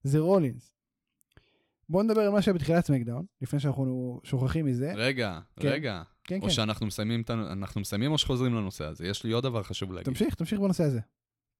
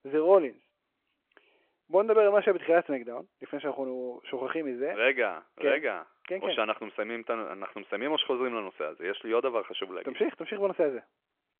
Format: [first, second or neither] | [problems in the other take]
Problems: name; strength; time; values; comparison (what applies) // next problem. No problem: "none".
first | phone-call audio; nothing above 3.5 kHz